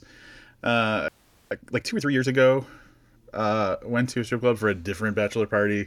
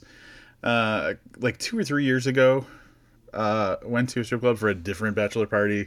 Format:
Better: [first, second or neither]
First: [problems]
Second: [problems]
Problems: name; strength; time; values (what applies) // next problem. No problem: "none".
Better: second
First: audio freezing; at 1 s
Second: none